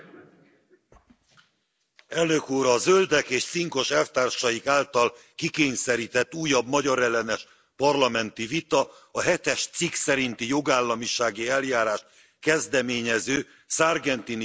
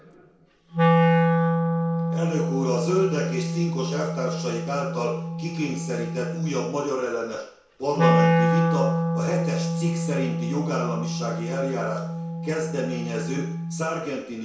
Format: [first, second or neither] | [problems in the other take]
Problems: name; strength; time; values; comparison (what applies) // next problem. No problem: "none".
first | background sound (Wind instrument, woodwind instrument); 4 dB above the speech // room echo; dies away in 0.6 s